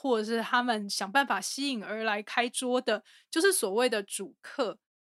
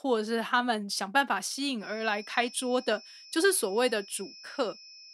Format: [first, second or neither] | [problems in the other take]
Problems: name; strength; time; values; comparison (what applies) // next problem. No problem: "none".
first | high-pitched whine; noticeable; from 2 s on; 5.5 kHz, 20 dB below the speech